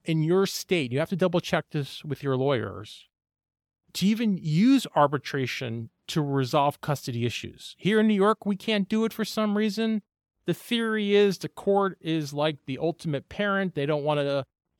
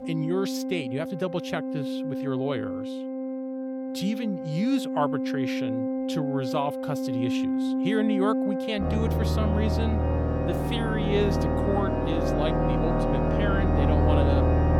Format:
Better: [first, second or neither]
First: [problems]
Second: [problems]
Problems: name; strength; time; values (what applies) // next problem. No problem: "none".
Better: first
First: none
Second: background music; very loud; throughout; 4 dB above the speech